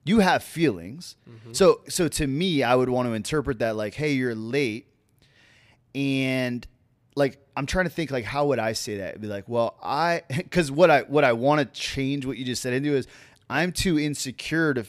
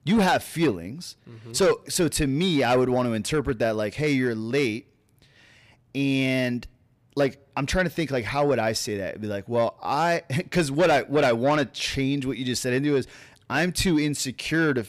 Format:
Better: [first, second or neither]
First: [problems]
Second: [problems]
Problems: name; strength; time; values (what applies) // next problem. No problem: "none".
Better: first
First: none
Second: distortion; slight; 10 dB below the speech